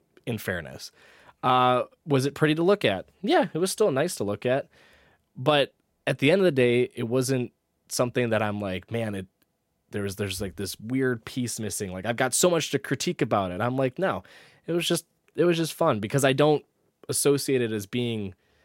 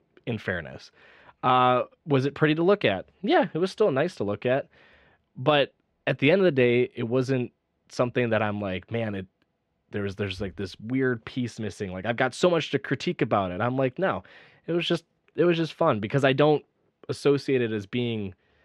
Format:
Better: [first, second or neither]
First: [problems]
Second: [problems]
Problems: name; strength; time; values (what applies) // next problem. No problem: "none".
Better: first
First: none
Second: muffled; slightly; fading above 3 kHz